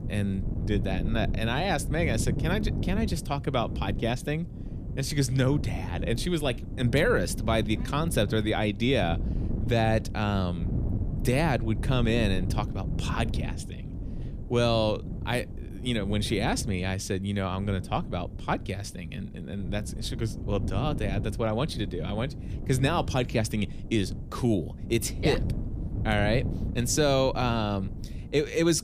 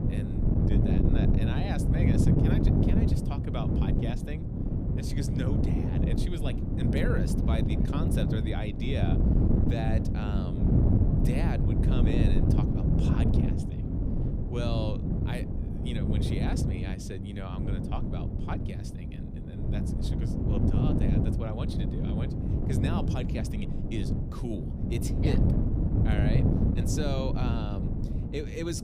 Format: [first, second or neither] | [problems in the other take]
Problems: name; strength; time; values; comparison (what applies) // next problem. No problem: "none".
first | wind noise on the microphone; heavy; 3 dB above the speech; occasional gusts in the first